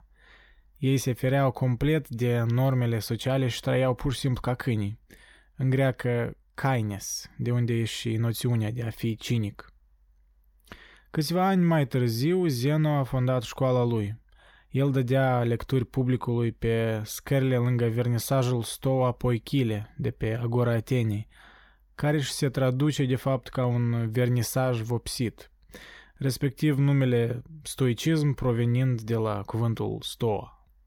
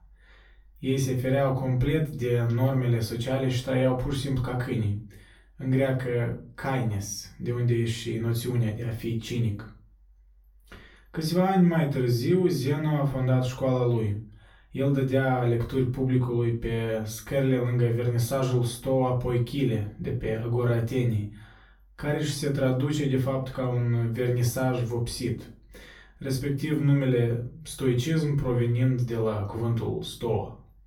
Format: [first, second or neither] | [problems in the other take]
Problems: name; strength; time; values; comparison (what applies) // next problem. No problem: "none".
first | off-mic speech; far // room echo; slight; dies away in 0.3 s